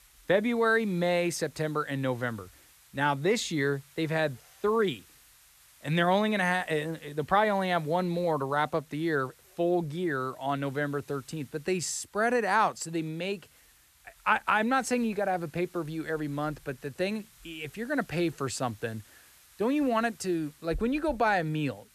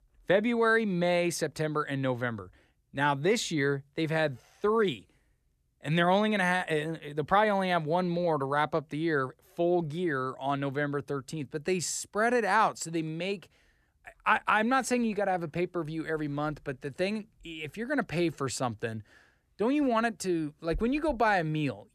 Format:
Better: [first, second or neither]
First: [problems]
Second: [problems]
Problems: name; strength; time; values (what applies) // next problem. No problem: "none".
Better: second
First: hiss; faint; throughout; 25 dB below the speech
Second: none